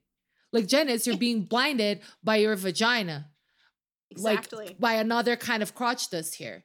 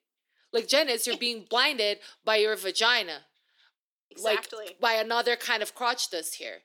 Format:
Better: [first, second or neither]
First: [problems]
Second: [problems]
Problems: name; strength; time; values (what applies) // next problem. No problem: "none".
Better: first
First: none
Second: thin; somewhat; fading below 350 Hz